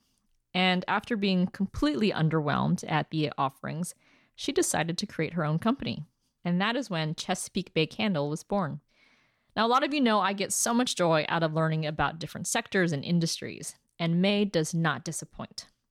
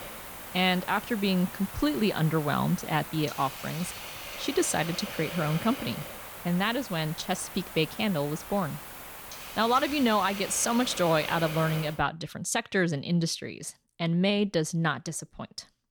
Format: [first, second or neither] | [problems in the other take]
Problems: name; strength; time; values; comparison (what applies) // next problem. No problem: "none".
first | hiss; noticeable; until 12 s; 10 dB below the speech